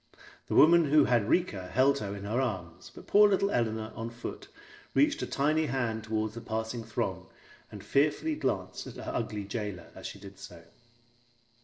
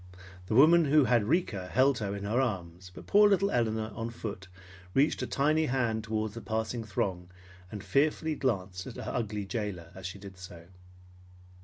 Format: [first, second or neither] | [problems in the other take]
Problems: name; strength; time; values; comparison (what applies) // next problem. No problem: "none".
second | noise reduction (neural separator model SepFormer DNS4)